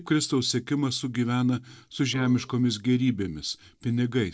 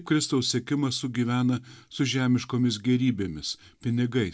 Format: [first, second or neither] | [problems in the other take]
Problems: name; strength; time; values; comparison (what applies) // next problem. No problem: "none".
second | noise reduction (neural separator model SepFormer DNS4)